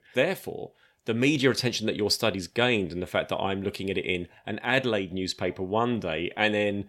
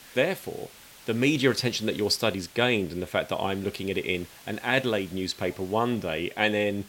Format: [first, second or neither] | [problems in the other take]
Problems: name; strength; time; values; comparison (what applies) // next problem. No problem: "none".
first | hiss; faint; throughout; 20 dB below the speech